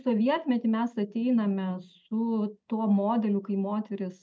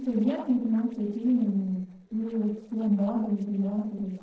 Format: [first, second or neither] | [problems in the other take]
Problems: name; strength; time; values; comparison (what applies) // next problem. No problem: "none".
first | noise reduction (neural separator model SepFormer DNS4)